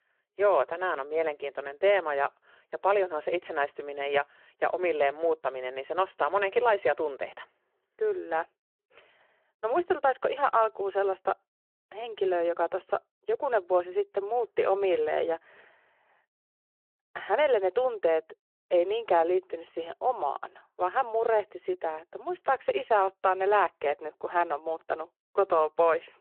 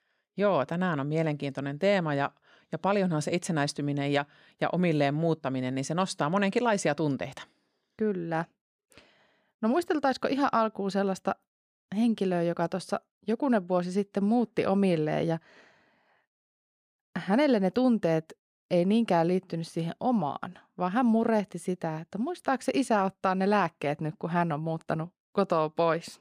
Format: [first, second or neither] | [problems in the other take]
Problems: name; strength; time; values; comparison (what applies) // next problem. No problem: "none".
second | phone-call audio